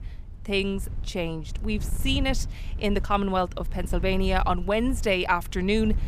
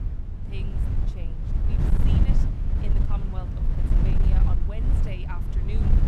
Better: first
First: wind noise on the microphone; occasional gusts; 25 dB below the speech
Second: wind noise on the microphone; heavy; 4 dB above the speech

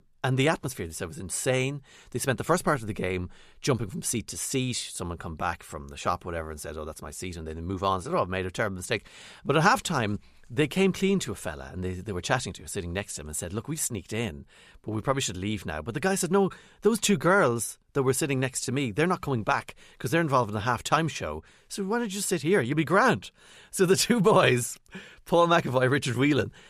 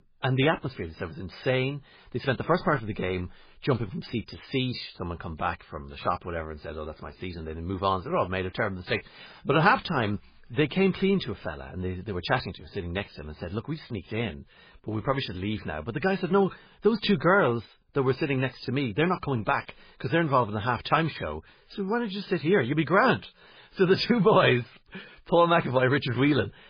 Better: first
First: none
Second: garbled, watery; badly; nothing above 5 kHz

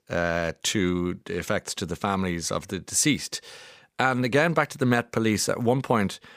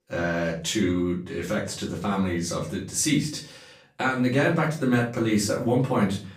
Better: first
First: none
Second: off-mic speech; far // room echo; slight; dies away in 0.4 s

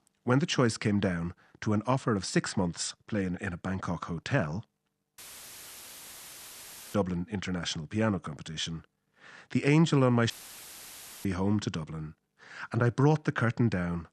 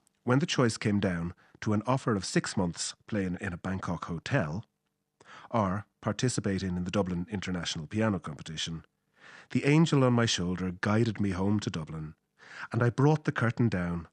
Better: second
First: audio cutting out; filled with static; at 5 s for 2 s and at 10 s for 1 s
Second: none

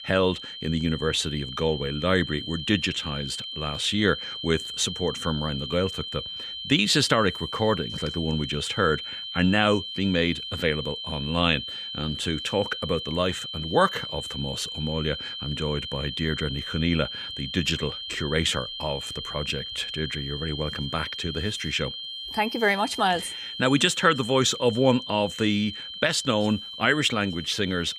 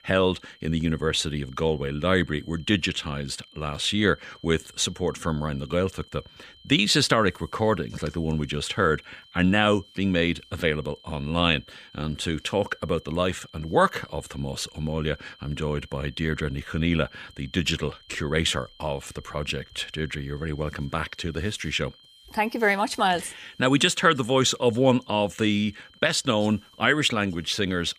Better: second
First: high-pitched whine; loud; throughout; 3 kHz, 7 dB below the speech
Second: high-pitched whine; faint; throughout; 3 kHz, 25 dB below the speech

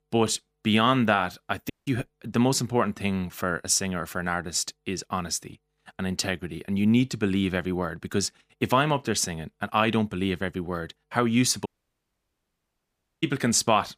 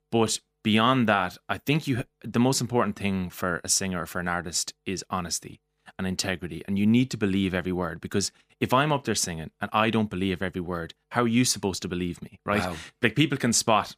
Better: second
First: audio cutting out; at 1.5 s and at 12 s for 1.5 s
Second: none

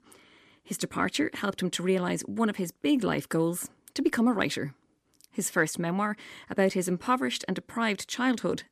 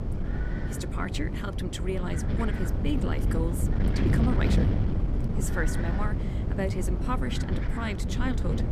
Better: first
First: none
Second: wind noise on the microphone; heavy; 2 dB below the speech

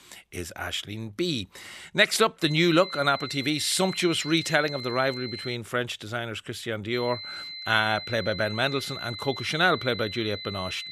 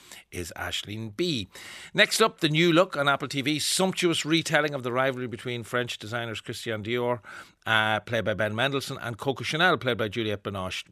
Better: second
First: high-pitched whine; loud; from 2.5 to 5.5 s and from 7 s on; 4 kHz, 10 dB below the speech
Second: none

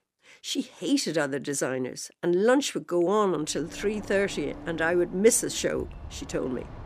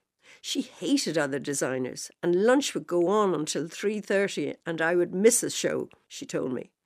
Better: second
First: train or aircraft noise; noticeable; from 3.5 s on; 20 dB below the speech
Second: none

